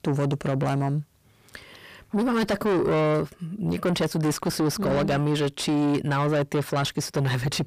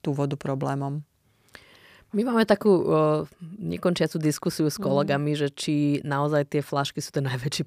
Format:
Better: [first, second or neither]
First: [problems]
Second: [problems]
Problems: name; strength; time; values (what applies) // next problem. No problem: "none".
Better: second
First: distortion; heavy; 6 dB below the speech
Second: none